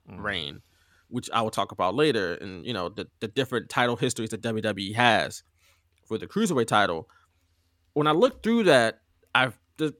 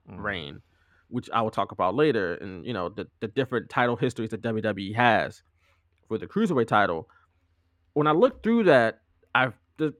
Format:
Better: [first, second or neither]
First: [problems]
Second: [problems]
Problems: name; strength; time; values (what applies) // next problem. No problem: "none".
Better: first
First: none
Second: muffled; slightly; fading above 3.5 kHz